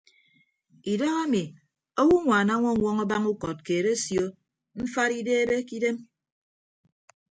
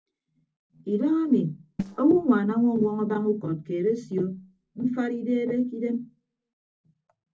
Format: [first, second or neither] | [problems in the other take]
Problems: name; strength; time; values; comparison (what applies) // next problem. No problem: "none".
first | noise reduction (neural separator model SepFormer DNS4)